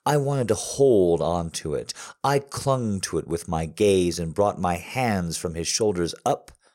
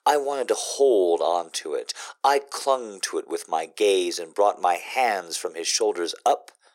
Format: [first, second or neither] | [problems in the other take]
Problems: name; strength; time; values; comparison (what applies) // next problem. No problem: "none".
first | thin; very; fading below 350 Hz